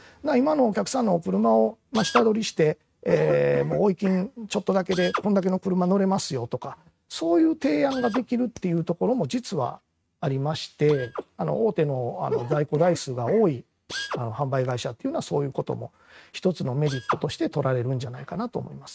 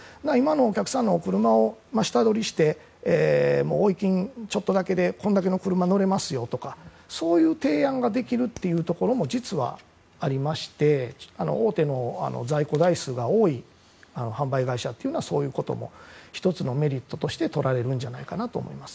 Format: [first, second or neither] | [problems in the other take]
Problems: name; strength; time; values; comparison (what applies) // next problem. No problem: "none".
second | noise reduction (neural mask model RNNoise)